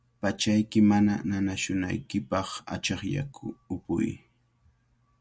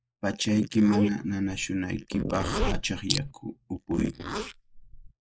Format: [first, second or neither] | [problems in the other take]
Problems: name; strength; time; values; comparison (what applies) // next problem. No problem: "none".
first | noise reduction (neural mask model Resemble Enhance denoiser)